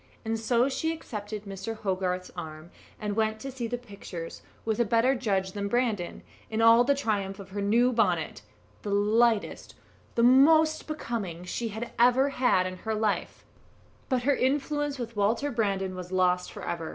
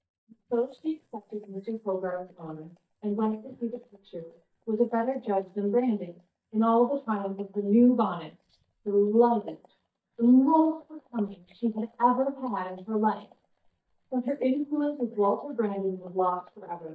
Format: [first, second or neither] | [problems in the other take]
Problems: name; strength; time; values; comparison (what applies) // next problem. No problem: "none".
first | noise reduction (neural mask model DeepFilterNet 3)